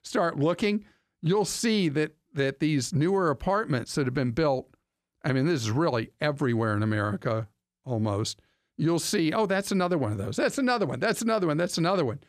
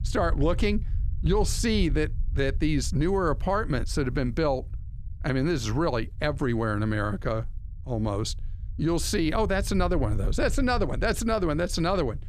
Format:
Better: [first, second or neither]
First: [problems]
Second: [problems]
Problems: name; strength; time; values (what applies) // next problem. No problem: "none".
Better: first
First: none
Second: low rumble; faint; throughout; 25 dB below the speech